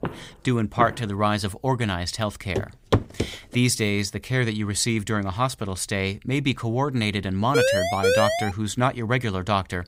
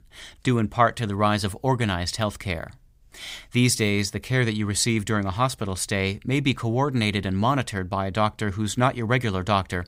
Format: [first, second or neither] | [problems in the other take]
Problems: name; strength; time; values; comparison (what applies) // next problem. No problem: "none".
second | footsteps; noticeable; at the start; peak 7 dB below the speech // footsteps; loud; at 2.5 s; peak 1 dB above the speech // siren; loud; at 7.5 s; peak 4 dB above the speech